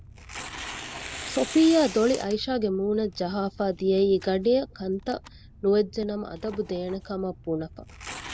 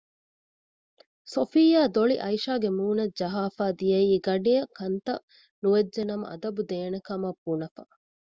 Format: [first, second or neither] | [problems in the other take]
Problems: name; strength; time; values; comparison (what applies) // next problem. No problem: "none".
second | background sound (Tearing); 15 dB below the speech